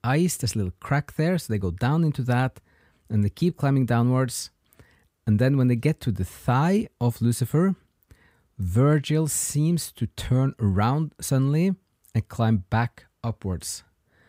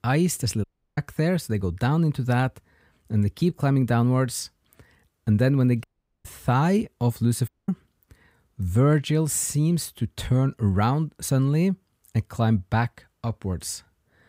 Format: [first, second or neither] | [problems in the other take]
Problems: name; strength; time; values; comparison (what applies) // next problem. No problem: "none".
first | audio cutting out; at 0.5 s, at 6 s and at 7.5 s